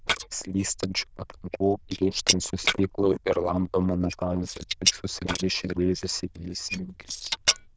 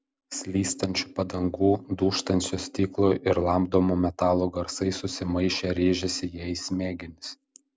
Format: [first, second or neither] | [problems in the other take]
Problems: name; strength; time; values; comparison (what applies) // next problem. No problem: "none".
second | noise reduction (neural diffusion model UNIVERSE++)